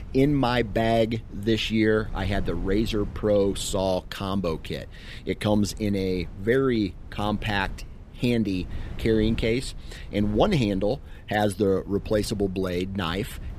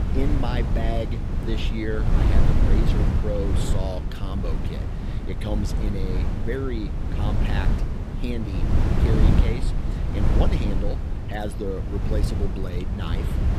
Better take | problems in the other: first | wind noise on the microphone; heavy; 1 dB below the speech; occasional gusts in the first

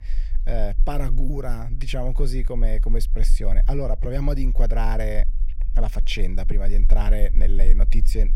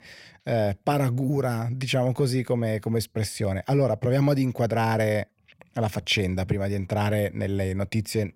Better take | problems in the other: second | low rumble; noticeable; throughout; 20 dB below the speech

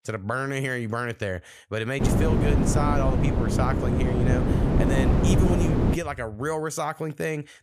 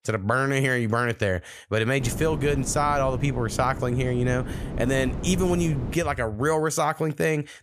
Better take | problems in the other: second | wind noise on the microphone; heavy; from 2 to 6 s; as loud as the speech; occasional gusts in the second

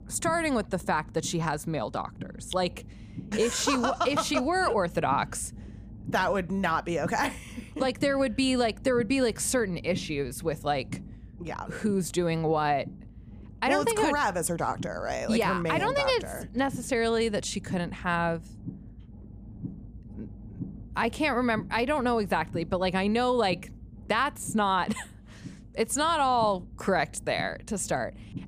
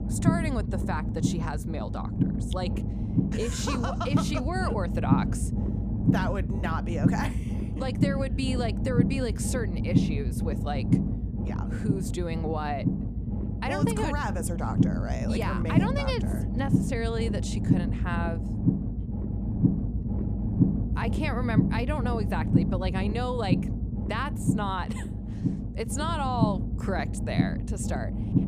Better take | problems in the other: first | low rumble; loud; throughout; 4 dB below the speech; faint in the first

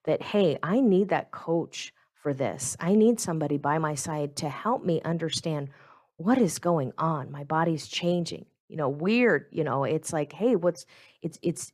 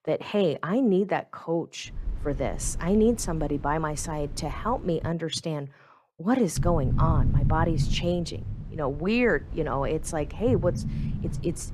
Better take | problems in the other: first | low rumble; noticeable; from 2 to 5 s and from 6.5 s on; 15 dB below the speech

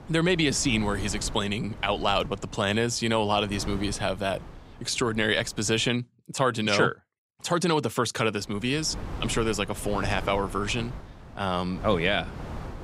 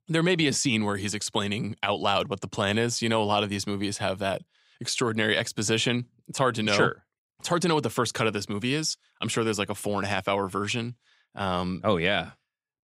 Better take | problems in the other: second | wind noise on the microphone; occasional gusts; until 6 s and from 8.5 s on; 20 dB below the speech

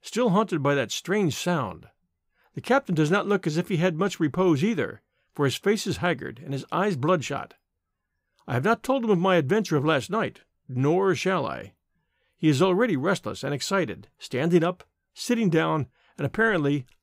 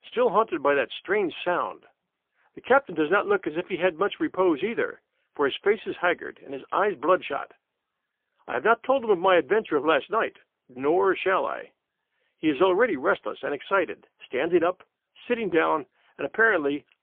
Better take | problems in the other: first | phone-call audio; poor line; nothing above 3.5 kHz

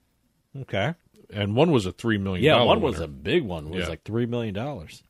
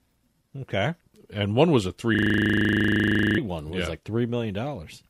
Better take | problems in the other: first | audio freezing; at 2 s for 1 s

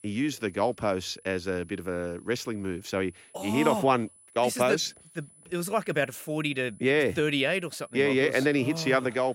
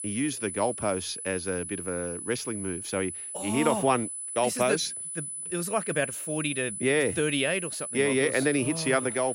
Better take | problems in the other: first | high-pitched whine; loud; throughout; 10 kHz, 6 dB below the speech; faint in the first

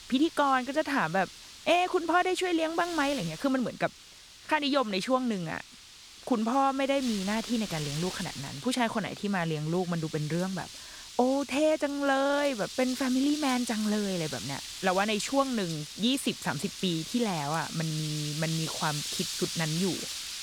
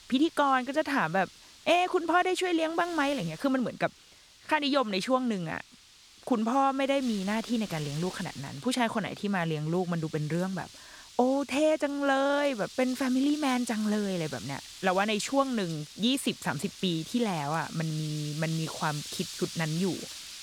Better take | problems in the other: second | wind noise on the microphone; heavy; 10 dB below the speech; occasional gusts in the second

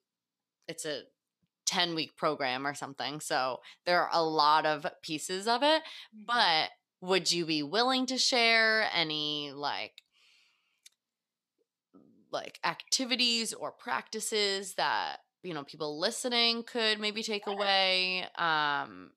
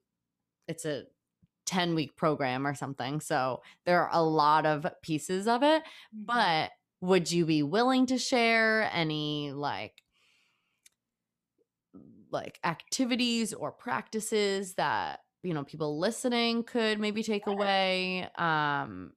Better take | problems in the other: second | thin; very slightly; fading below 500 Hz

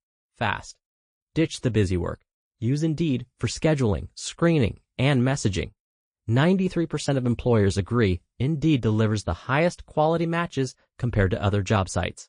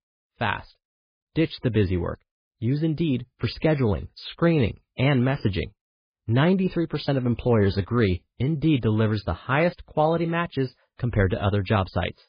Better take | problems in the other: first | garbled, watery; badly; slightly in the first

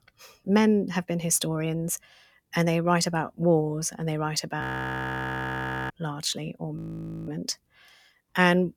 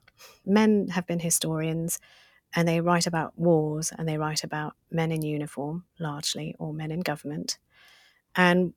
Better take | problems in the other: second | audio freezing; at 4.5 s for 1.5 s and at 7 s for 0.5 s

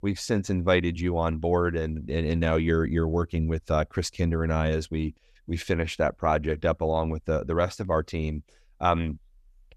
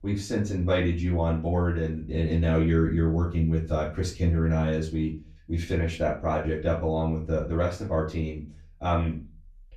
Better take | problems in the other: first | off-mic speech; far // room echo; slight; dies away in 0.3 s

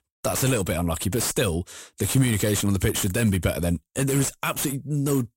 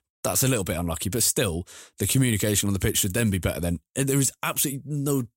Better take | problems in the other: second | distortion; slight; 9 dB below the speech

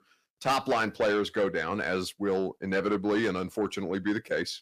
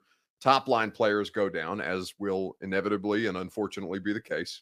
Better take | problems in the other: second | distortion; heavy; 7 dB below the speech

